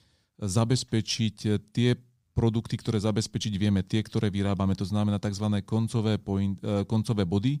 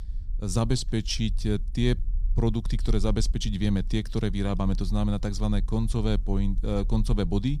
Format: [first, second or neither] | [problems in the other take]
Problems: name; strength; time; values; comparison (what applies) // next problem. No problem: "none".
first | low rumble; faint; throughout; 25 dB below the speech